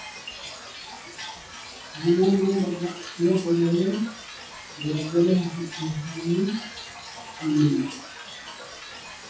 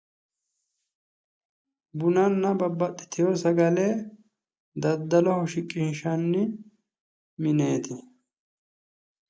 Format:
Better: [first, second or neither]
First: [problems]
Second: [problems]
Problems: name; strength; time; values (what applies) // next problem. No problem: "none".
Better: second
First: noise reduction (classical method WPE with log-MMSE)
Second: none